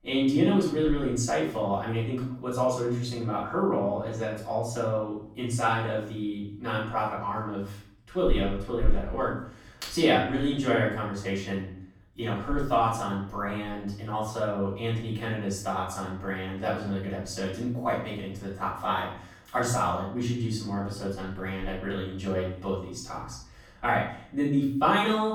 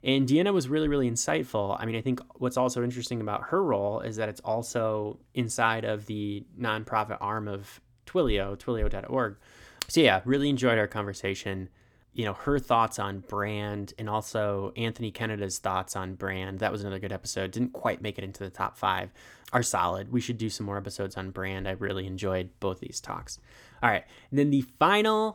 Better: second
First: off-mic speech; far // room echo; noticeable; dies away in 0.6 s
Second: none

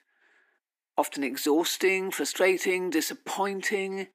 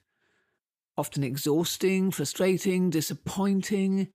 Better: second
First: thin; somewhat; fading below 250 Hz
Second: none

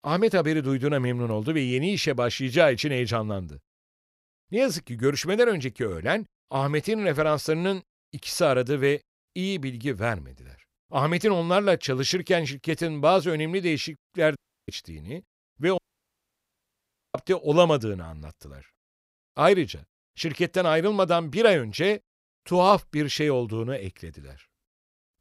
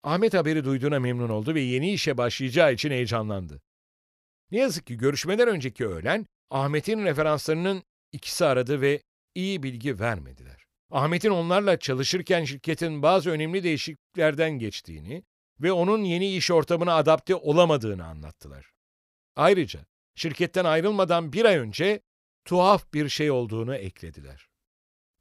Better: second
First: audio cutting out; at 14 s and at 16 s for 1.5 s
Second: none

